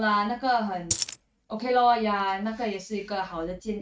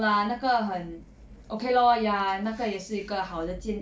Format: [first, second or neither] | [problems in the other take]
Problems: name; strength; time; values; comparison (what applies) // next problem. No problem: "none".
second | noise reduction (neural mask model RNNoise)